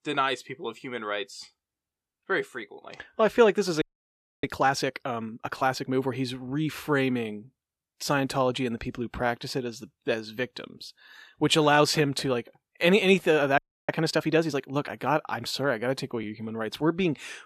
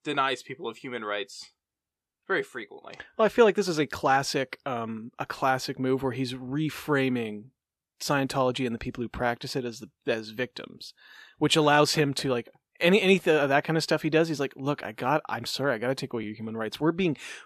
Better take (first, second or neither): second